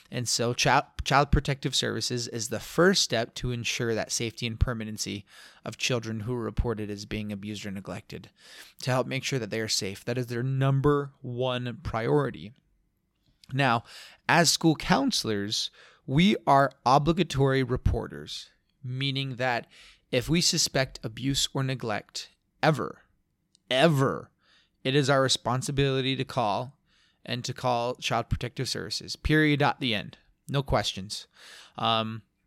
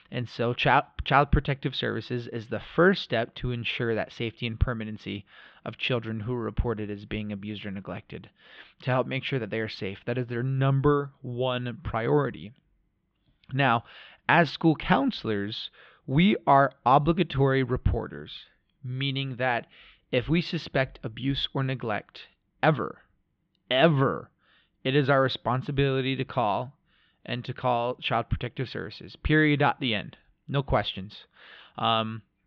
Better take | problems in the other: first | muffled; very; fading above 3.5 kHz

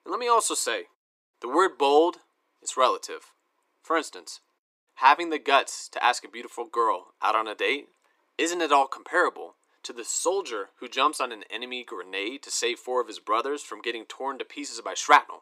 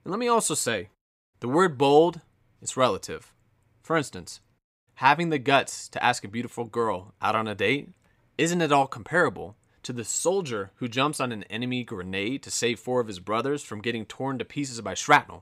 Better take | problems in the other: second | thin; somewhat; fading below 300 Hz

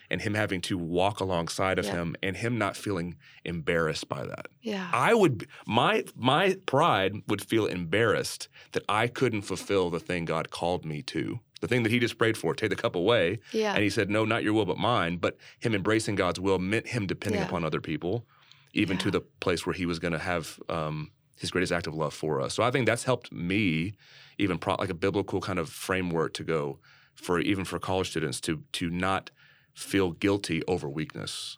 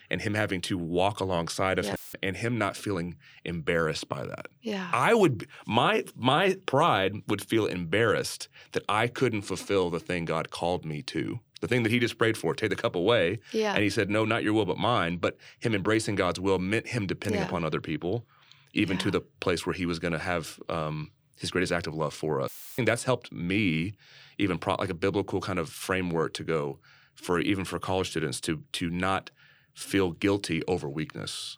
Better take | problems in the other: first | audio cutting out; filled with static; at 2 s and at 22 s

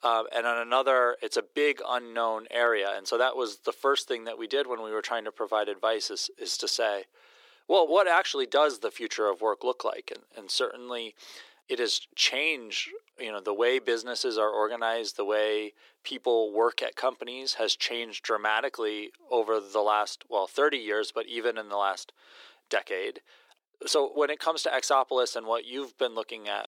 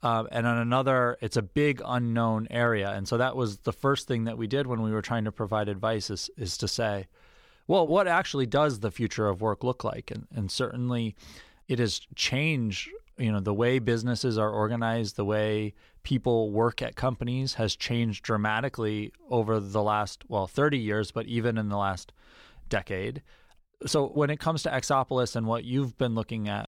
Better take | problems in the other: second | thin; very; fading below 350 Hz

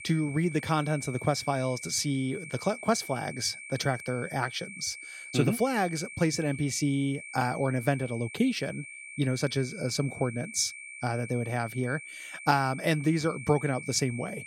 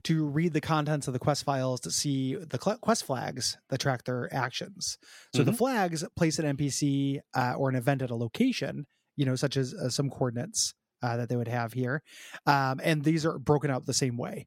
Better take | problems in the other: second | high-pitched whine; noticeable; throughout; 2.5 kHz, 10 dB below the speech

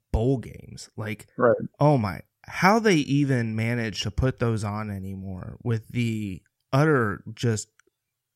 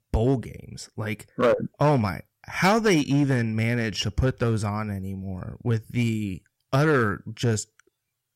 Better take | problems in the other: first | distortion; slight; 4% of the sound clipped

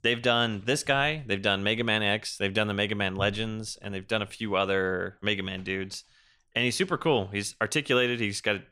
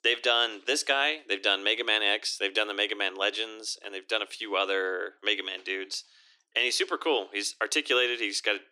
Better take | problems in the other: first | thin; somewhat; fading below 300 Hz

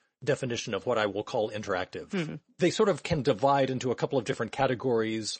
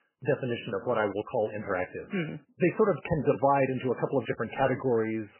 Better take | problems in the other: first | garbled, watery; badly; nothing above 3 kHz; slightly in the first

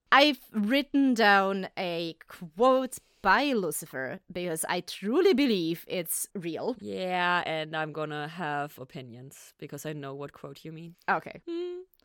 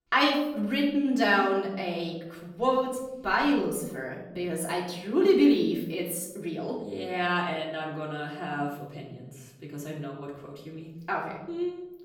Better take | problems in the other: first | off-mic speech; far // room echo; noticeable; dies away in 1.1 s

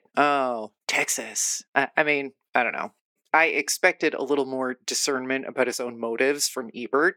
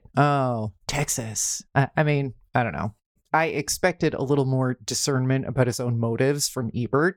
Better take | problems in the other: second | thin; somewhat; fading below 300 Hz

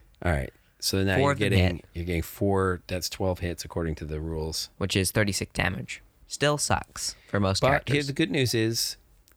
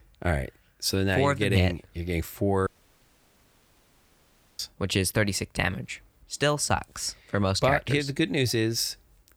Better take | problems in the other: first | audio cutting out; at 2.5 s for 2 s

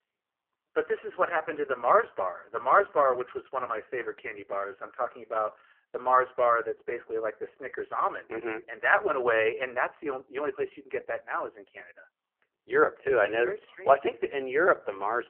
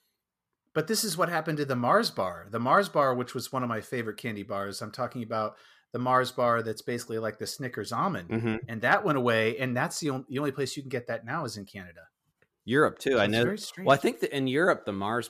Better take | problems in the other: second | phone-call audio; poor line

